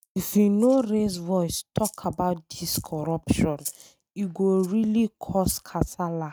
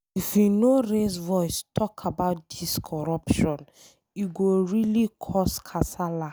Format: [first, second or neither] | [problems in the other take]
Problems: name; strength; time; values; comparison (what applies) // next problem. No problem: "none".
second | noise reduction (neural mask model RNNoise)